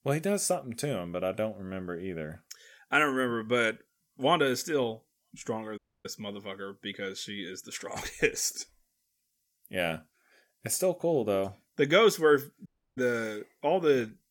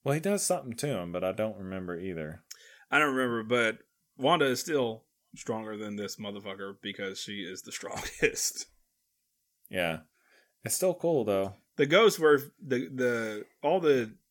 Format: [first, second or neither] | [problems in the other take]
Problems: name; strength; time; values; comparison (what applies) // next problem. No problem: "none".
second | audio cutting out; at 6 s and at 13 s